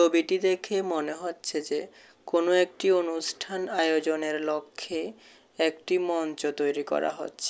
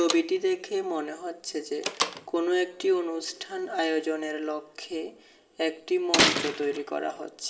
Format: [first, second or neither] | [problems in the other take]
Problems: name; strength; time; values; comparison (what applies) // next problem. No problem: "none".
first | background sound (Slam); 5 dB below the speech // room echo; dies away in 2.4 s